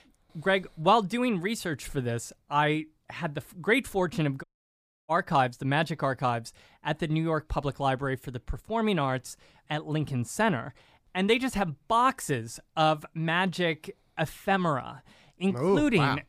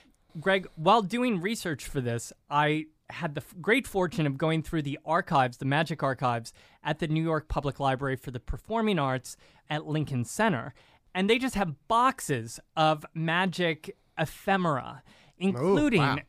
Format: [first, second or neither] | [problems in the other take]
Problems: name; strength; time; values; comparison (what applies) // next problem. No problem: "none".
second | audio cutting out; at 4.5 s for 0.5 s